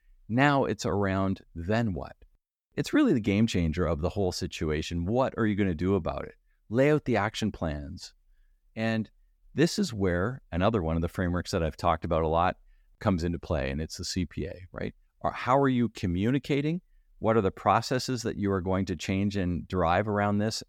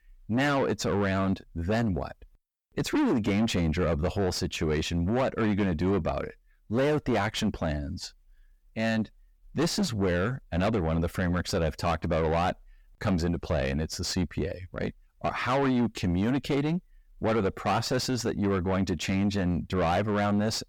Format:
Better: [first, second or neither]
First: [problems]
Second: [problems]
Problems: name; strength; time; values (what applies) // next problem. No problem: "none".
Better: first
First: none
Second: distortion; heavy; 5 dB below the speech